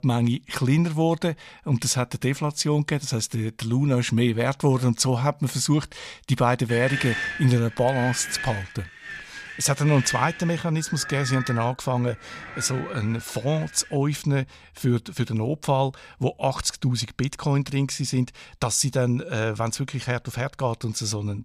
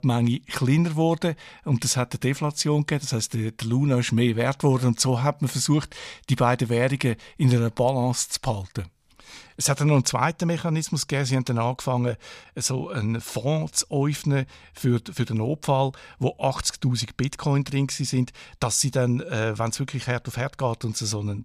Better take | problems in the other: second | wind noise on the microphone; heavy; from 6.5 to 14 s; 5 dB below the speech

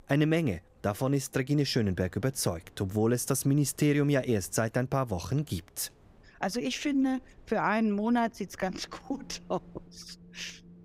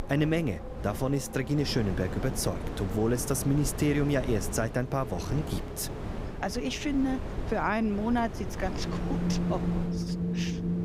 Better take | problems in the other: first | wind in the background; loud; throughout; 5 dB below the speech; faint in the first

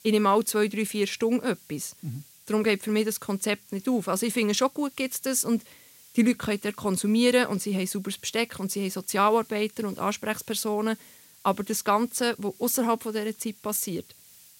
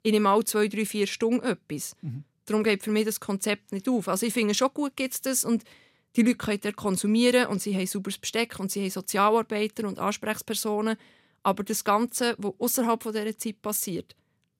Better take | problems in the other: second | hiss; faint; throughout; 25 dB below the speech

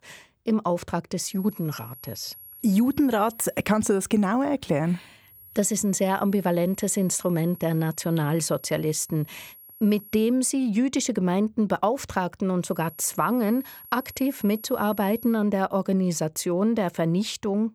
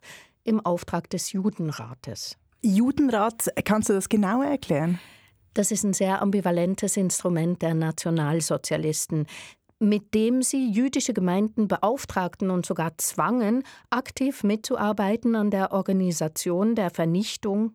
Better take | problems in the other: second | high-pitched whine; noticeable; from 1.5 to 3.5 s, from 5.5 to 10 s and from 13 to 15 s; 11.5 kHz, 20 dB below the speech

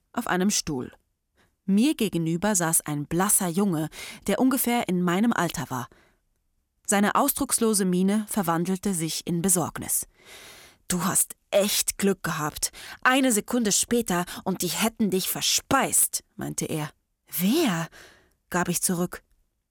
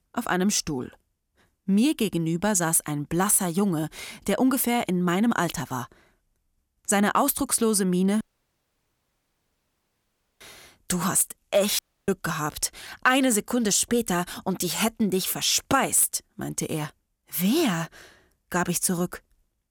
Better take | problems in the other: first | audio cutting out; at 8 s for 2 s and at 12 s

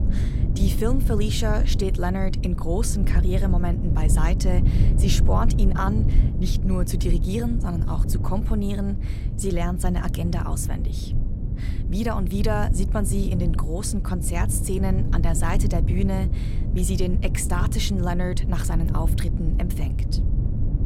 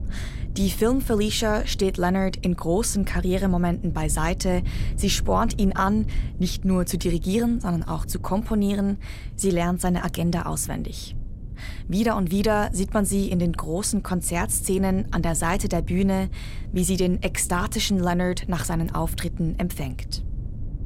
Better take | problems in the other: second | low rumble; loud; throughout; 7 dB below the speech; faint in the second

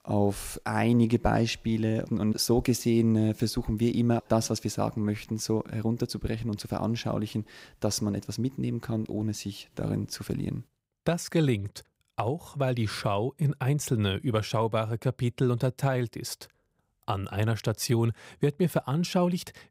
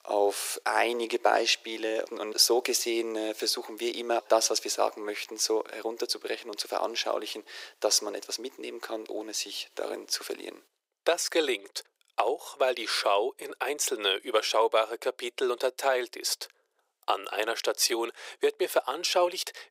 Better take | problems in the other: first | thin; very; fading below 400 Hz

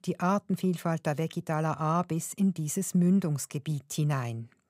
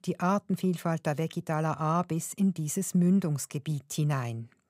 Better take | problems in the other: neither | none

